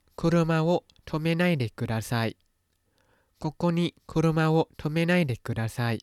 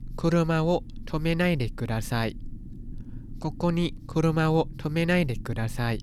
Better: first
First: none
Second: low rumble; faint; throughout; 25 dB below the speech

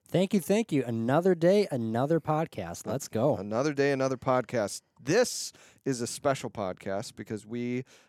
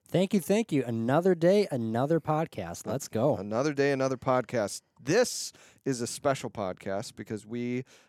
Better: neither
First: none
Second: none

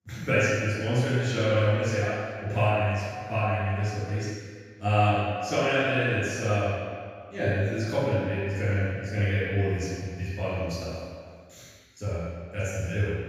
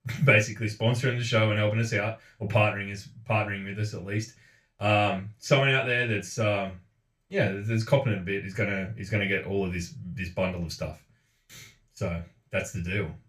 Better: second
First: room echo; strong; dies away in 1.8 s // off-mic speech; far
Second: room echo; slight; dies away in 0.2 s // off-mic speech; far

